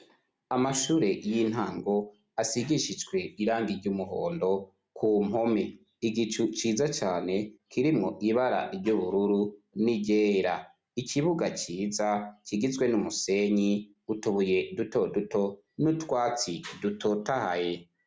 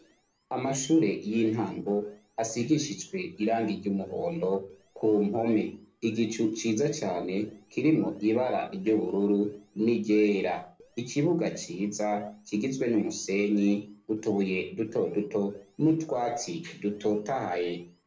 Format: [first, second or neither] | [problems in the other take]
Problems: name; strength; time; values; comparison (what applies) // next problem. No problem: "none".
first | noise reduction (neural separator model SepFormer DNS4)